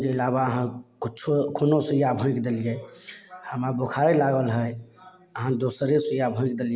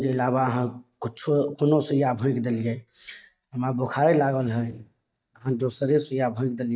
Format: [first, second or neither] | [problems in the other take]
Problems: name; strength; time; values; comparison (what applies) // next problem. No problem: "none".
first | noise reduction (neural mask model DeepFilterNet 3)